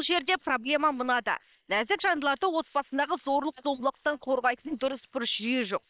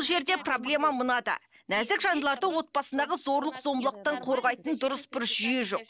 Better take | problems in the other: second | noise reduction (neural separator model SepFormer WHAM!)

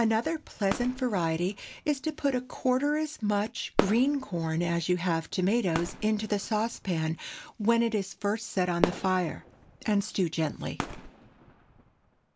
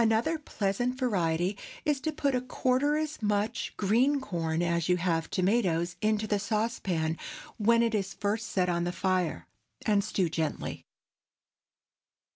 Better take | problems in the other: second | background sound (Fireworks); 11 dB below the speech

